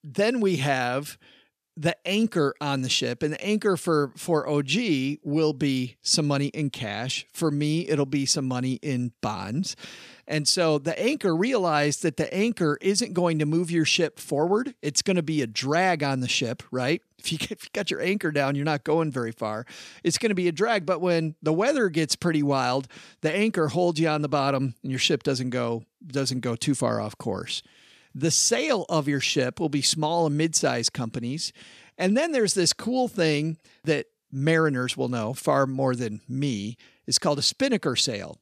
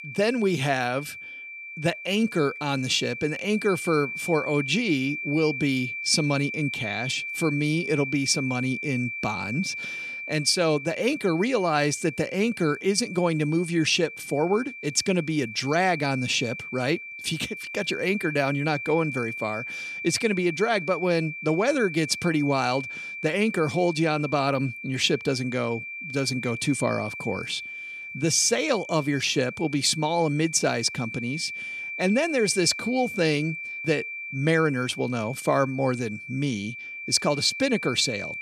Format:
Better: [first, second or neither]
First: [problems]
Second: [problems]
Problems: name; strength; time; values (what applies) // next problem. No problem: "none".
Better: first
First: none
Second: high-pitched whine; loud; throughout; 2.5 kHz, 8 dB below the speech